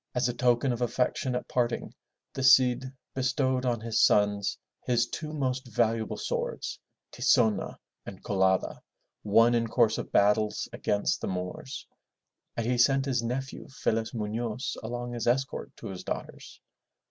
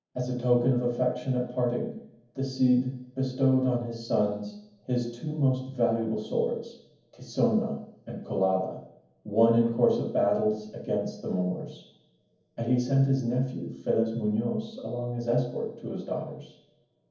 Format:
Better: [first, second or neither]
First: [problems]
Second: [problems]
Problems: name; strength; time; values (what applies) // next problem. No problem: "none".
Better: first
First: none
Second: room echo; dies away in 0.7 s